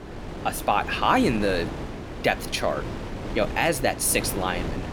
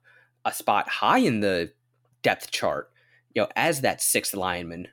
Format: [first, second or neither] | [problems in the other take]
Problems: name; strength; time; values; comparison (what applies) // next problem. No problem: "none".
second | wind noise on the microphone; occasional gusts; 10 dB below the speech